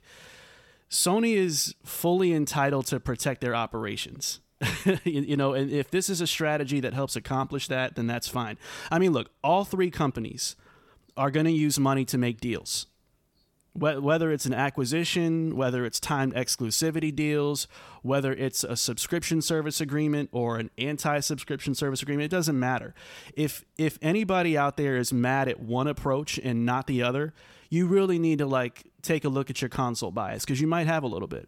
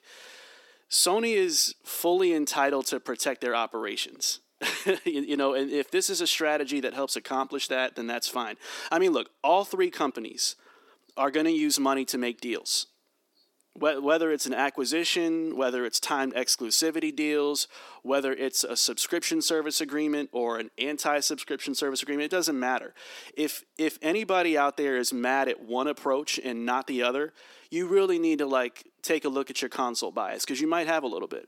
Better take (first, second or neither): first